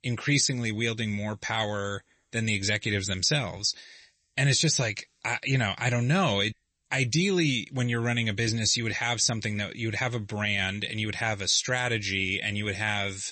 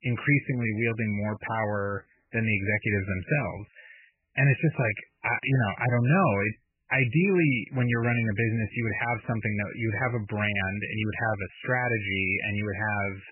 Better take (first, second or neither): first